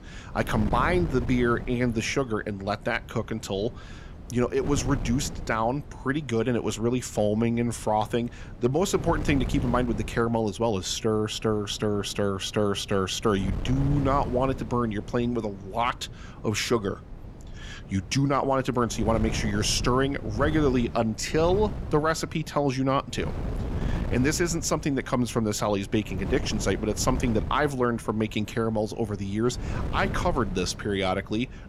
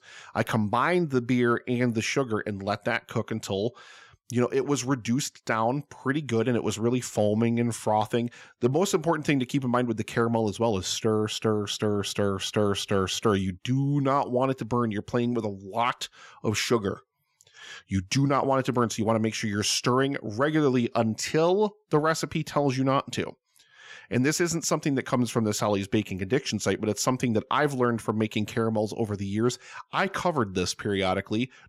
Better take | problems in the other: second | wind noise on the microphone; occasional gusts; 15 dB below the speech

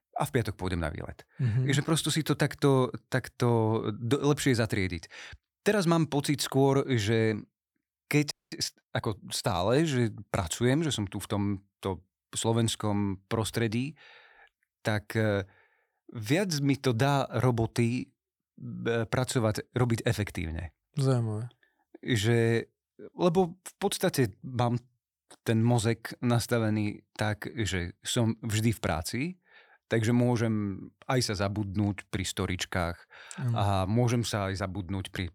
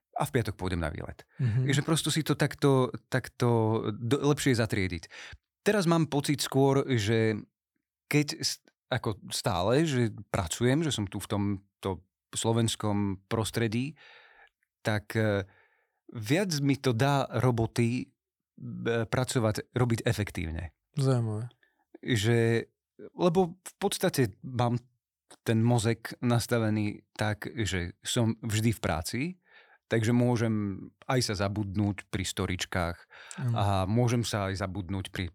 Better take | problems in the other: second | audio freezing; at 8.5 s

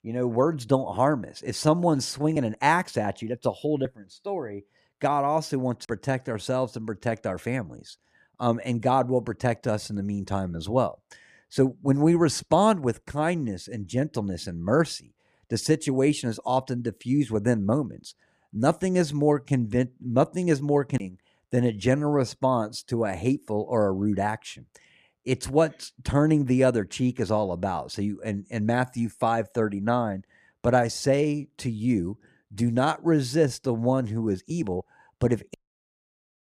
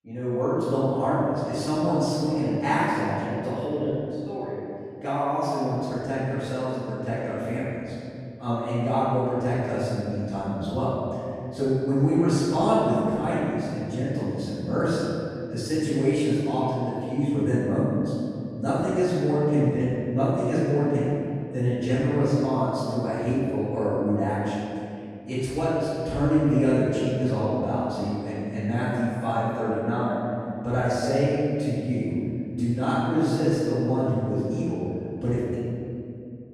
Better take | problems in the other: first | room echo; strong; dies away in 2.5 s // off-mic speech; far

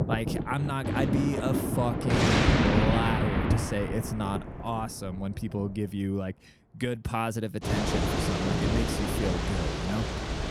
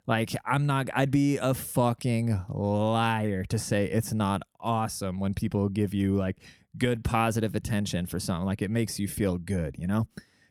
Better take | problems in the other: second | rain or running water; very loud; throughout; 4 dB above the speech

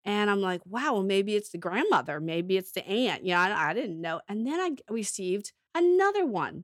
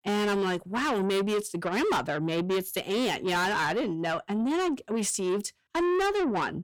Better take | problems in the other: first | distortion; heavy; 7 dB below the speech

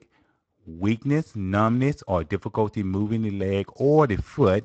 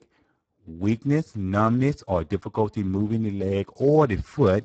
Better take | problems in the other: first | garbled, watery; badly; slightly in the first

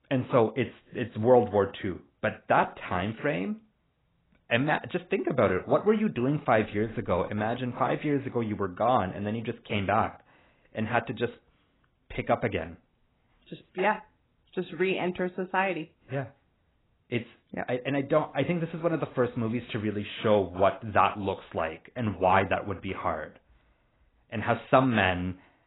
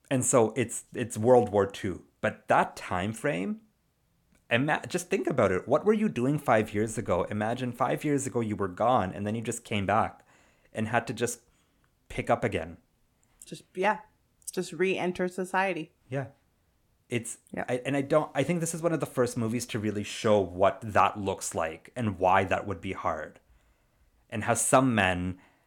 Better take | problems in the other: second | garbled, watery; badly; nothing above 4 kHz

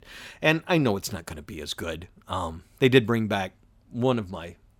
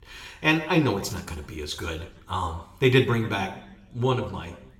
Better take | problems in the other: first | room echo; slight; dies away in 0.6 s // off-mic speech; somewhat distant

